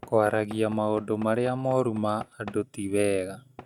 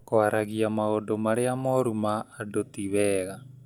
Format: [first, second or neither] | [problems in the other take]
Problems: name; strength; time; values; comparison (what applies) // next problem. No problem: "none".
second | noise reduction (neural mask model RNNoise)